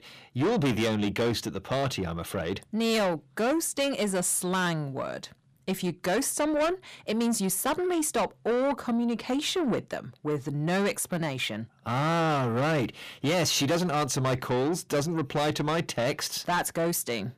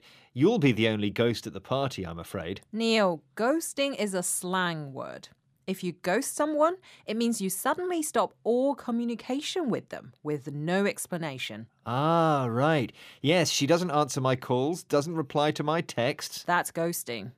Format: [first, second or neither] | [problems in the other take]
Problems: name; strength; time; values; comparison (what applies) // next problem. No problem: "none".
second | distortion; heavy; 7 dB below the speech